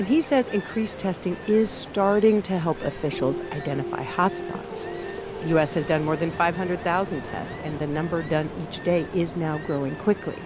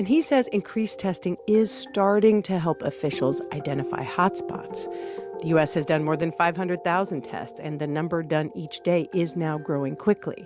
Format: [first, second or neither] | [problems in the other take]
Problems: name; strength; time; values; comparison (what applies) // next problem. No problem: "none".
second | background sound (Ocean); 13 dB below the speech